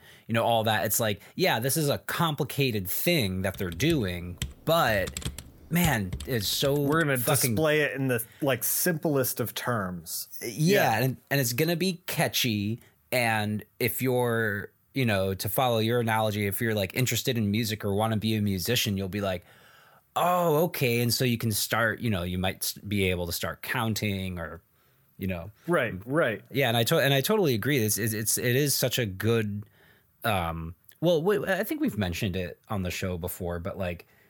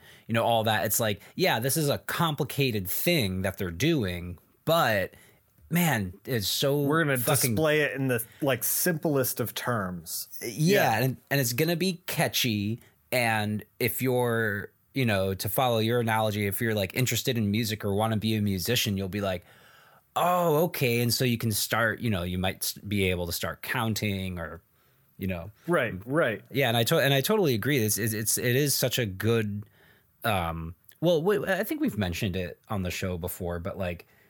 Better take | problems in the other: second | keyboard typing; noticeable; from 3.5 to 7 s; peak 8 dB below the speech

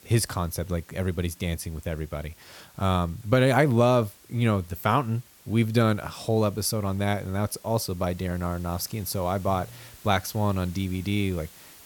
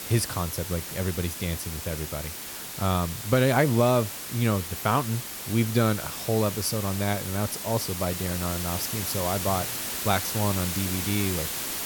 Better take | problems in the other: first | hiss; loud; throughout; 4 dB below the speech; faint in the first

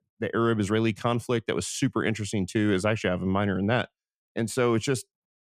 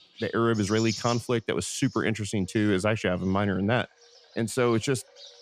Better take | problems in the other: first | animal sounds; noticeable; throughout; 15 dB below the speech

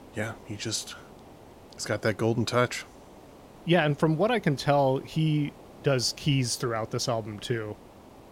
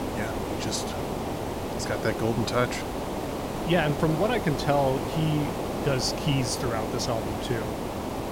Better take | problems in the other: first | hiss; loud; throughout; 3 dB below the speech; faint in the first

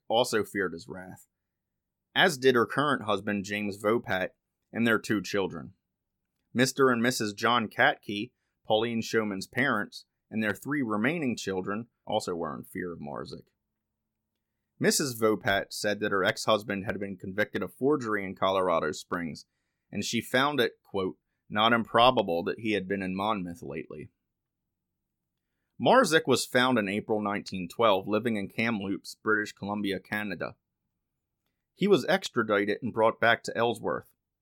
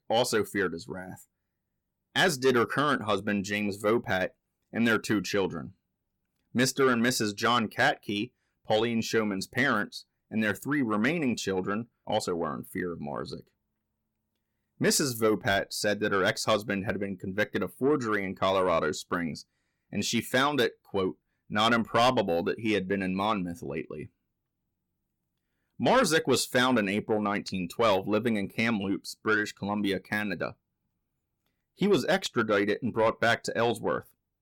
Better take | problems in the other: first | distortion; slight; 10 dB below the speech

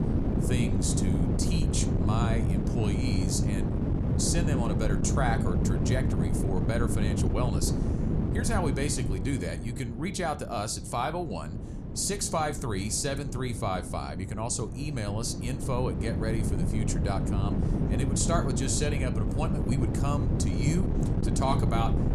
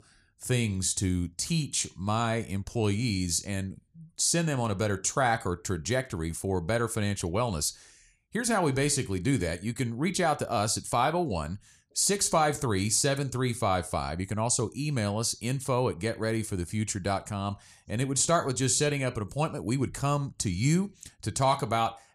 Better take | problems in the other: second | wind noise on the microphone; heavy; 4 dB below the speech

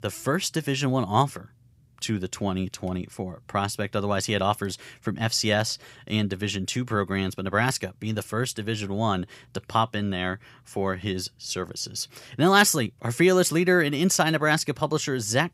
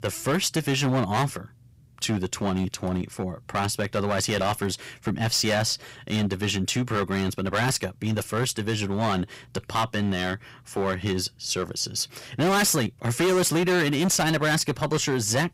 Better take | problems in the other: first | distortion; heavy; 12% of the sound clipped

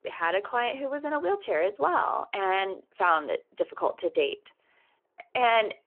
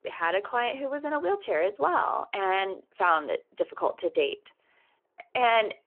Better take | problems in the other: neither | phone-call audio; nothing above 3 kHz; the same in both

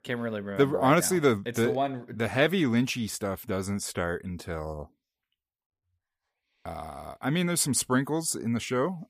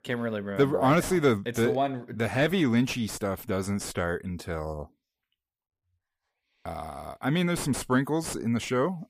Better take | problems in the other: first | distortion; slight; 10 dB below the speech

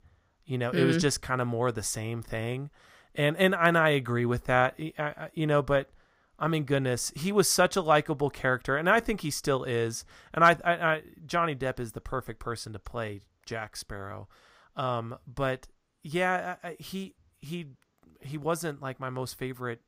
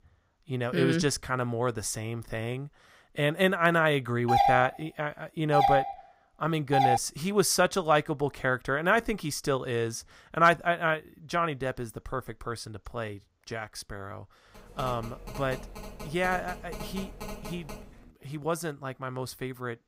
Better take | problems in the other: first | doorbell; loud; from 4.5 to 7 s; peak 5 dB above the speech // phone ringing; faint; from 15 to 18 s; peak 10 dB below the speech

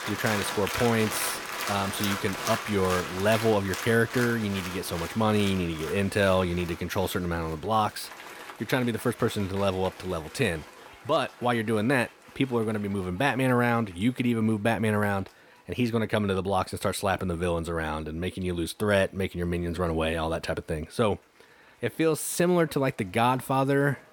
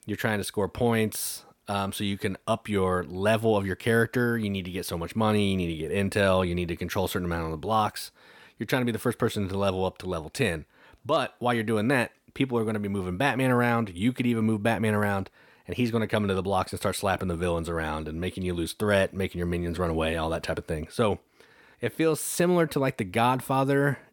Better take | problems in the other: second | crowd noise; loud; throughout; 8 dB below the speech

